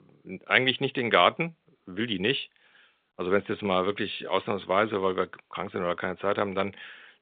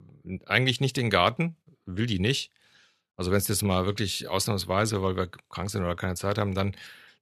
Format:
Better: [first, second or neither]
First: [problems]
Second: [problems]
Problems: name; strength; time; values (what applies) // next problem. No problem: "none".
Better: second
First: phone-call audio; nothing above 3.5 kHz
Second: none